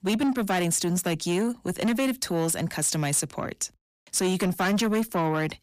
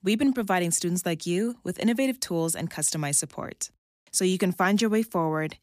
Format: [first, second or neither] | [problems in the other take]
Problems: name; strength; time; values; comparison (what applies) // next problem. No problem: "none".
second | distortion; slight; 10 dB below the speech